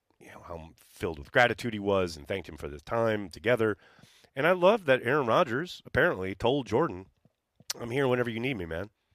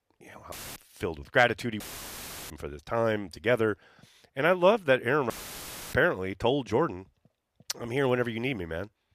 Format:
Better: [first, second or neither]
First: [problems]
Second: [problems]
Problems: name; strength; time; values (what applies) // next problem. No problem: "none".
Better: first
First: none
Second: audio cutting out; filled with static; at 0.5 s, at 2 s for 0.5 s and at 5.5 s for 0.5 s